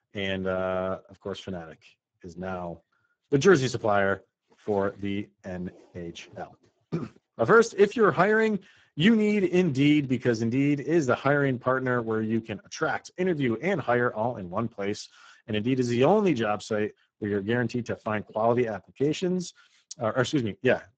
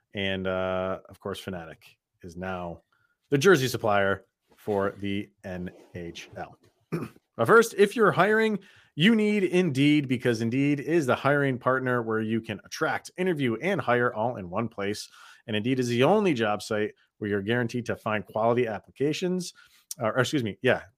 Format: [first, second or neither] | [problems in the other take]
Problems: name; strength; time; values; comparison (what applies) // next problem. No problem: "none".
second | garbled, watery; badly; nothing above 7.5 kHz